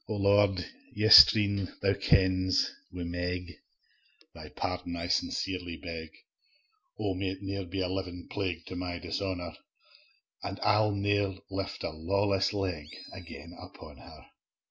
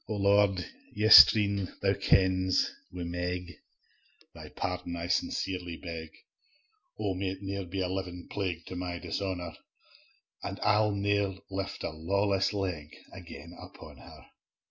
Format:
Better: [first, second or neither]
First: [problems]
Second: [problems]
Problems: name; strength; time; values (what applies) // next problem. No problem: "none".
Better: second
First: background sound (Animal); 19 dB below the speech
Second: none